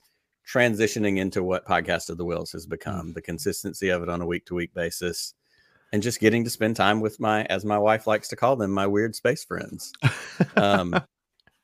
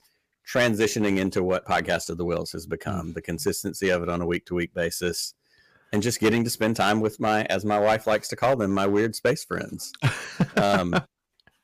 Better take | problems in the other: first | distortion; slight; 4% of the sound clipped

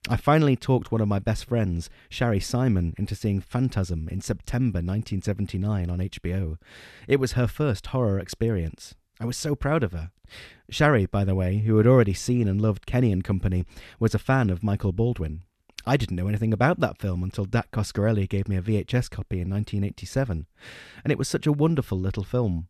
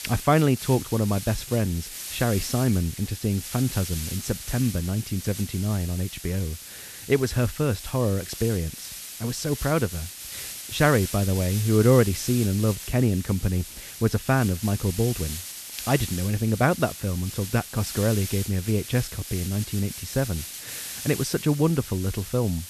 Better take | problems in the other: first | hiss; loud; throughout; 9 dB below the speech

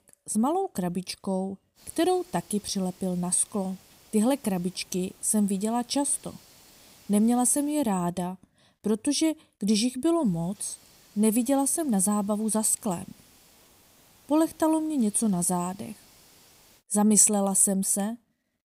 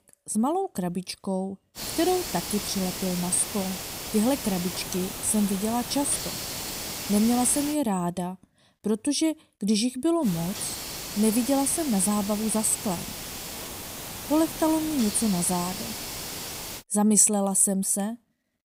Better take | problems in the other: first | hiss; loud; from 2 to 7.5 s and from 10 to 17 s; 7 dB below the speech; faint in the first

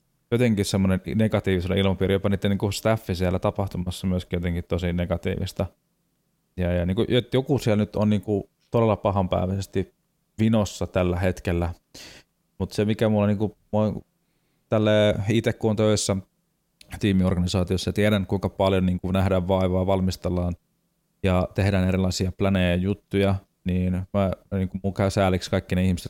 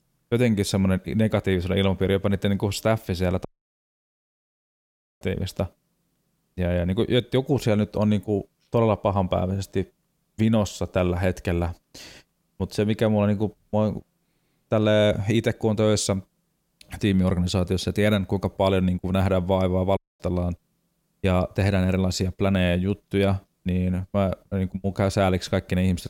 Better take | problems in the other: first | audio cutting out; at 3.5 s for 2 s and at 20 s

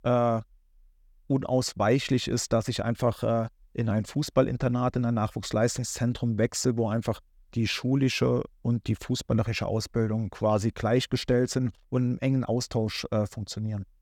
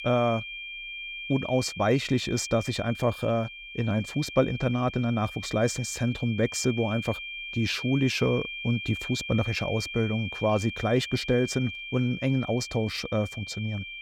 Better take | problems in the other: first | high-pitched whine; loud; throughout; 2.5 kHz, 9 dB below the speech

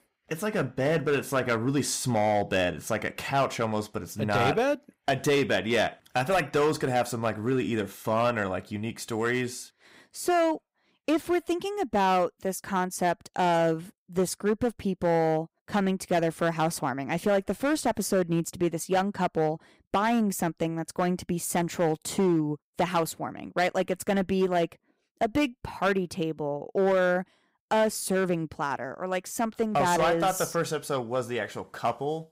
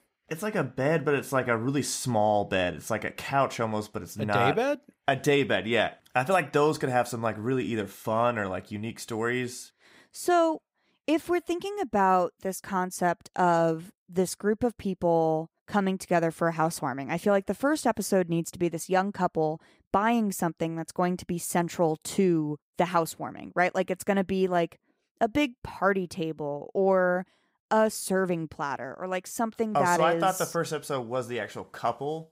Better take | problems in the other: second | distortion; slight; 5% of the sound clipped

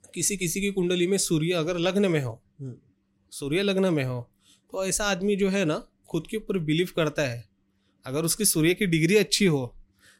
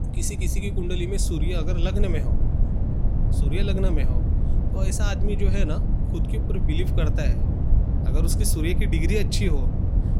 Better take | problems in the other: first | low rumble; loud; throughout; 6 dB below the speech

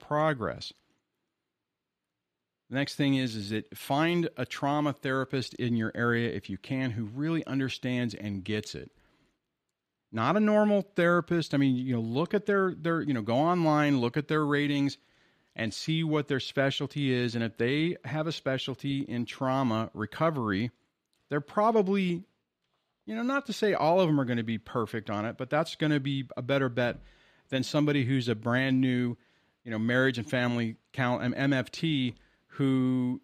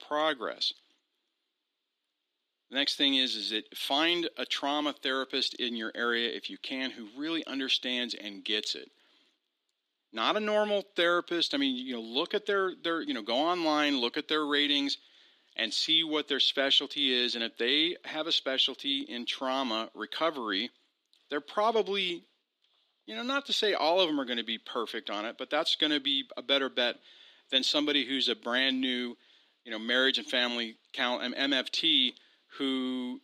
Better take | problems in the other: first | thin; very slightly; fading below 250 Hz

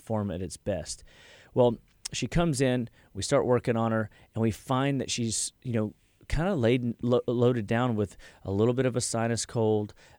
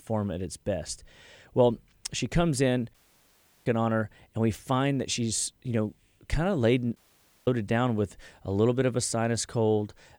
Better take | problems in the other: first | audio cutting out; at 3 s for 0.5 s and at 7 s for 0.5 s

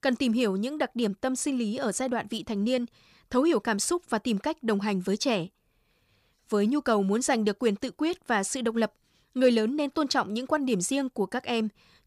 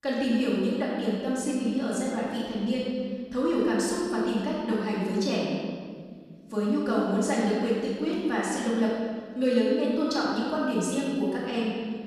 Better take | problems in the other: first | off-mic speech; far // room echo; strong; dies away in 2 s

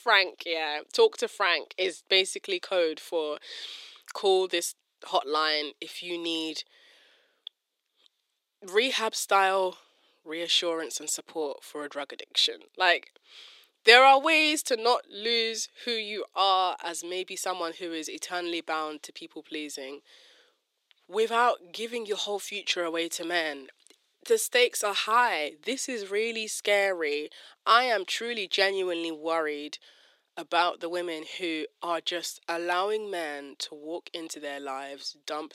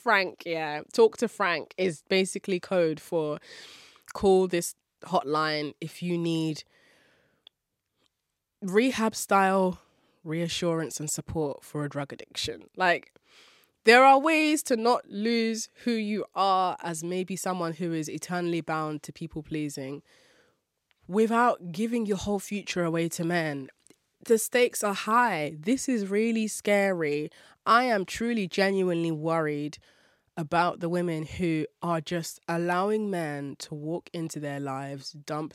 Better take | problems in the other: second | thin; somewhat; fading below 350 Hz

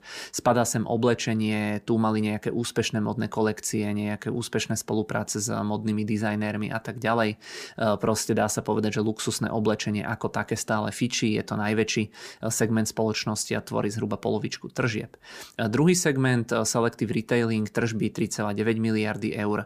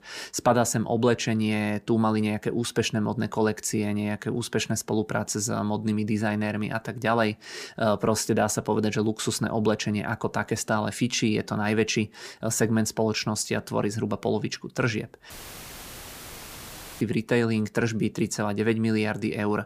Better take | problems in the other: first | audio cutting out; filled with static; at 15 s for 1.5 s

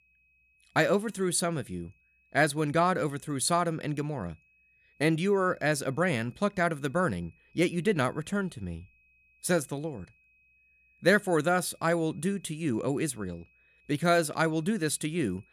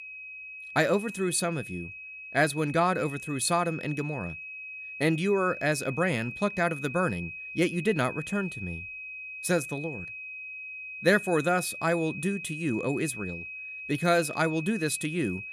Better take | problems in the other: first | high-pitched whine; loud; throughout; 2.5 kHz, 10 dB below the speech; faint in the first

